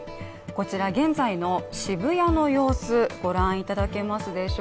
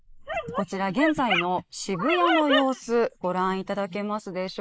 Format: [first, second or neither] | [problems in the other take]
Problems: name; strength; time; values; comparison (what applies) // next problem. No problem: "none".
first | noise reduction (neural mask model Resemble Enhance denoiser)